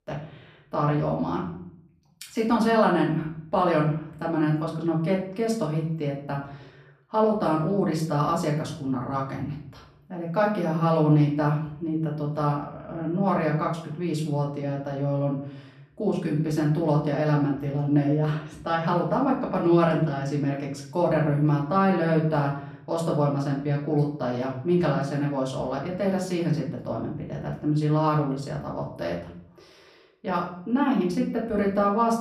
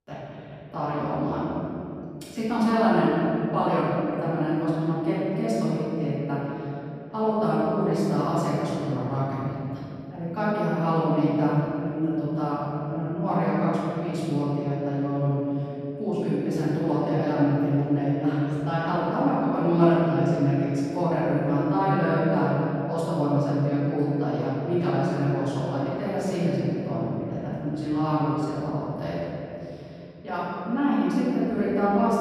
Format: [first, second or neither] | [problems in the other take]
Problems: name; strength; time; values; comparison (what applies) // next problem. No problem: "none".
first | room echo; strong; dies away in 3 s; slight in the first // off-mic speech; far; far in the first